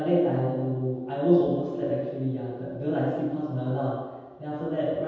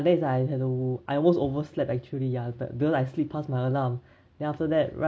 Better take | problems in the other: second | room echo; dies away in 1.2 s

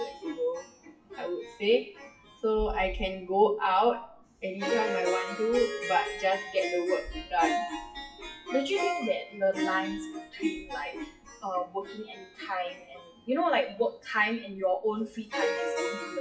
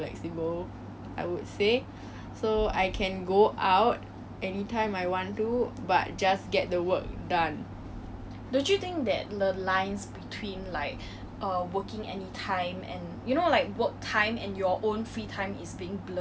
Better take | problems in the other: second | noise reduction (classical method WPE with log-MMSE)

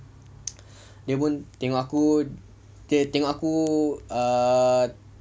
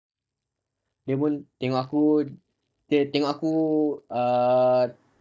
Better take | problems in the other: first | noise reduction (neural mask model DeepFilterNet 3)

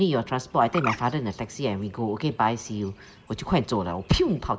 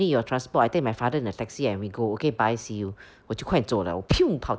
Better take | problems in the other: second | background sound (Bird); 14 dB below the speech // room echo; dies away in 0.3 s

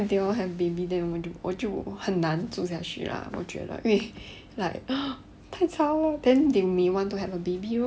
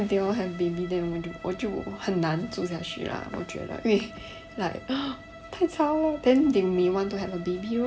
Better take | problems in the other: first | background sound (Bowed string instrument); 18 dB below the speech

